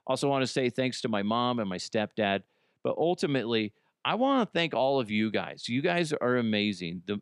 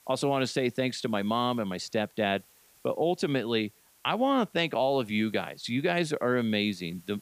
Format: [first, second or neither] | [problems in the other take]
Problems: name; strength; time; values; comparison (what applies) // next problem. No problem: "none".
first | hiss; faint; throughout; 30 dB below the speech